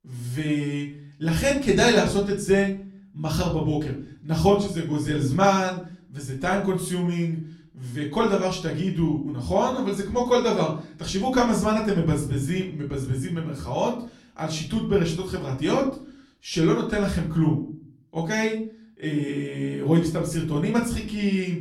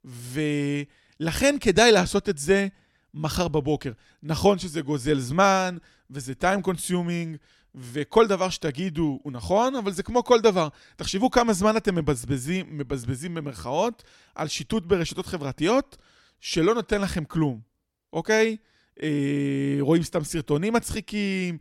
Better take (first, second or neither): second